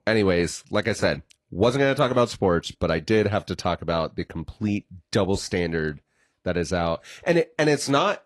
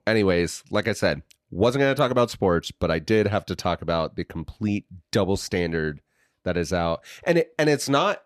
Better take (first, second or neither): second